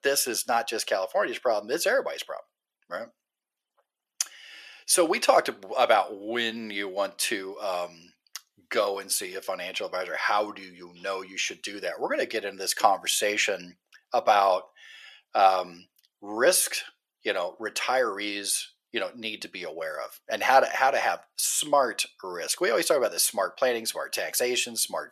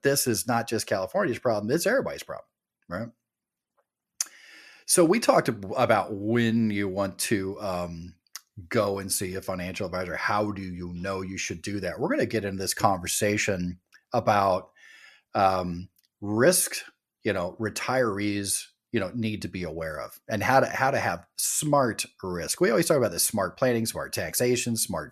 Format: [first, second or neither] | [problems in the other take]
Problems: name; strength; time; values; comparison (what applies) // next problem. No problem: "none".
second | thin; very; fading below 550 Hz